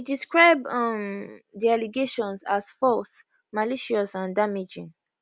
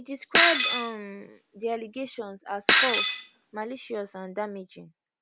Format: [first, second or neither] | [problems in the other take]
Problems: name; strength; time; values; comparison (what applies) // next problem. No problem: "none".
first | background sound (Shatter); 5 dB above the speech